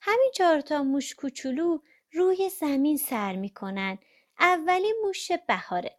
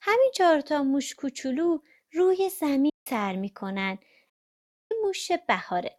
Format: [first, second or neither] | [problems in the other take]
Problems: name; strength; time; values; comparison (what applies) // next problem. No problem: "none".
first | audio cutting out; at 3 s and at 4.5 s for 0.5 s